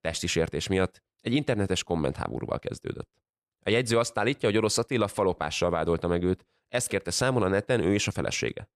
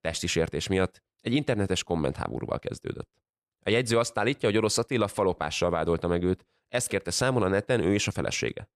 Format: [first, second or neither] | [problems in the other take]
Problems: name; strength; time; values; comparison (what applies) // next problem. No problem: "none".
neither | none